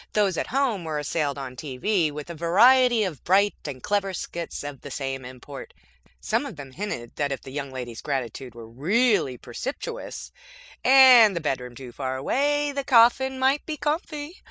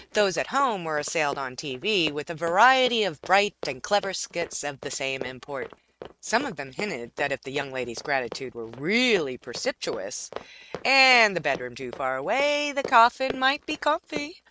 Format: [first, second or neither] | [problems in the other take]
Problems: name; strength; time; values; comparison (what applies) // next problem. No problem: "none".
first | noise reduction (neural mask model RNNoise)